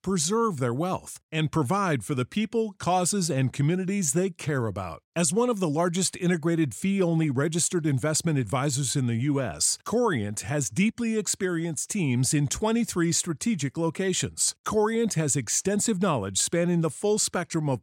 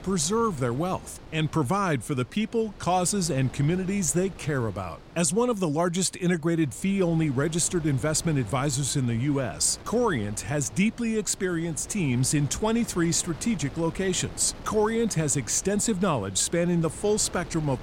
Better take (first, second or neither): first